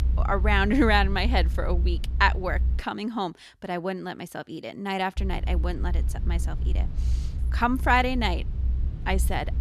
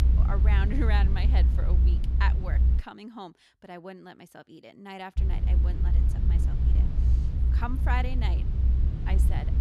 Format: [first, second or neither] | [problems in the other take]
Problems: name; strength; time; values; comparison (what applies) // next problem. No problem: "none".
first | low rumble; loud; until 3 s and from 5 s on; 6 dB below the speech; faint in the first